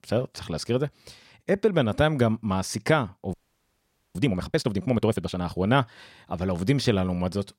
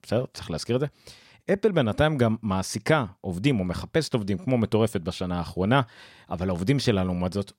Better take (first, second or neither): second